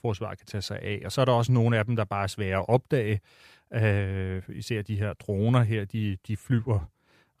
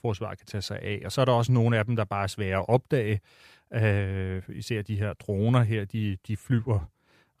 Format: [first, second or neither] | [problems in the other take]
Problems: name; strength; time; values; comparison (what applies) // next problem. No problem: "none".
neither | none